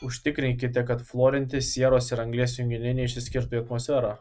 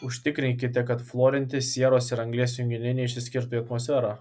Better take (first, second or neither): second